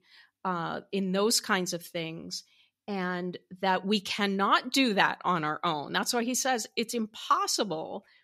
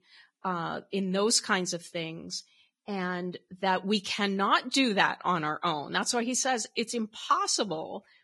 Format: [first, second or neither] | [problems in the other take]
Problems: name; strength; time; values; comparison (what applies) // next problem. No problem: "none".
first | garbled, watery; badly; nothing above 11 kHz